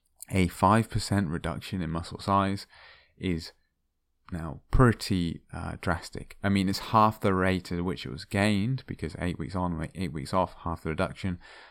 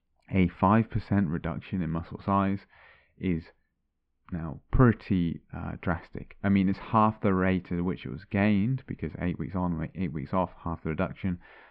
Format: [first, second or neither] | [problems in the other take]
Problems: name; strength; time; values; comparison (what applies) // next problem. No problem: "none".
first | muffled; very; fading above 2.5 kHz